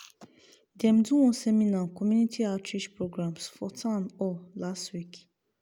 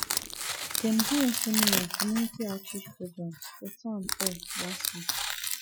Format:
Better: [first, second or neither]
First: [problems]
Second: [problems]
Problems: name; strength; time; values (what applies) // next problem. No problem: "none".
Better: first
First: none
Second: noise reduction (classical method Wiener filter)